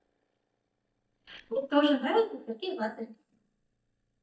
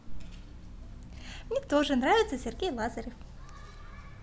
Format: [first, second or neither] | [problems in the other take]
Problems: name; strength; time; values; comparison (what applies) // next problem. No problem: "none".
second | noise reduction (neural mask model DeepFilterNet 3)